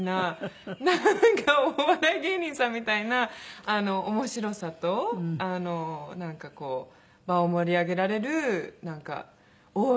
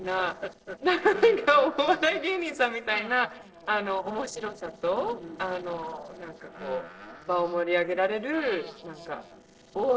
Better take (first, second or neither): first